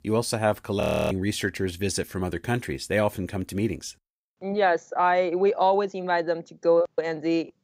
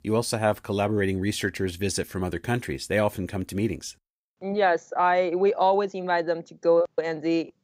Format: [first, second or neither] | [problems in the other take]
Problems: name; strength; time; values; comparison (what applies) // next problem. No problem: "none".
second | audio freezing; at 1 s